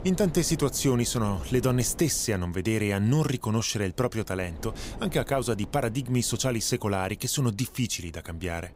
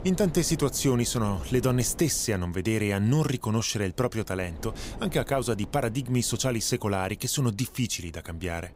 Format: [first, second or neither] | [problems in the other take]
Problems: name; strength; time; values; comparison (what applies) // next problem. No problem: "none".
neither | wind noise on the microphone; occasional gusts; 20 dB below the speech; the same in both